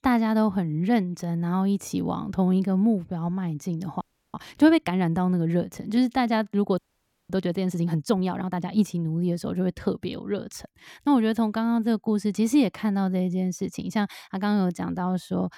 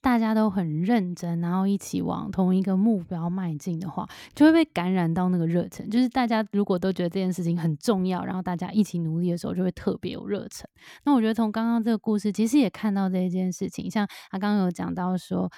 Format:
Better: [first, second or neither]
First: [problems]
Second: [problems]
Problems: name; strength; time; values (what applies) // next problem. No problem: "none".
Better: second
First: audio freezing; at 4 s and at 7 s for 0.5 s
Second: none